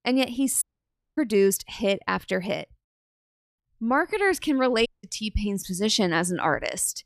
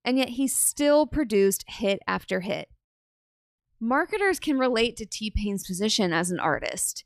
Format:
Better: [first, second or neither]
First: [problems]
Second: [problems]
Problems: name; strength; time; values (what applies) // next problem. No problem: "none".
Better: second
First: audio cutting out; at 0.5 s for 0.5 s and at 5 s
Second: none